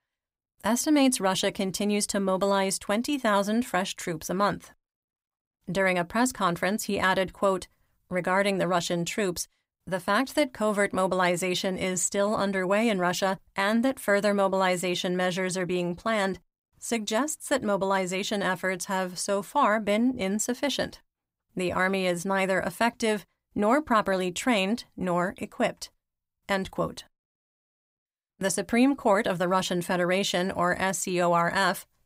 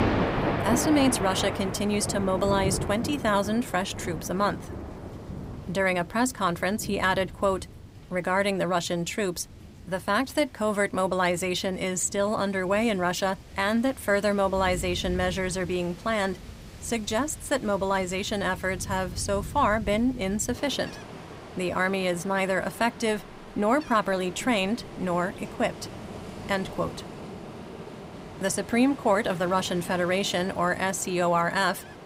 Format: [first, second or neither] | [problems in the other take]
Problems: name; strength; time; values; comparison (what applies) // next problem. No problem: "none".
first | rain or running water; noticeable; throughout; 10 dB below the speech